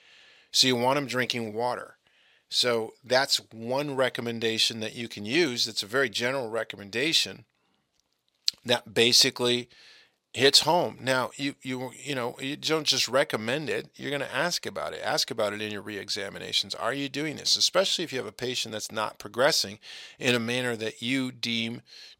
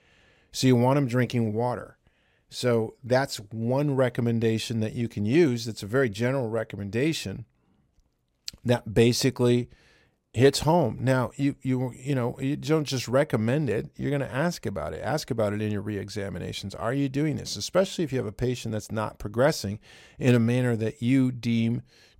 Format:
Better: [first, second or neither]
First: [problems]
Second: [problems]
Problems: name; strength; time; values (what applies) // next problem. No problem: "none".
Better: second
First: thin; somewhat; fading below 900 Hz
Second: none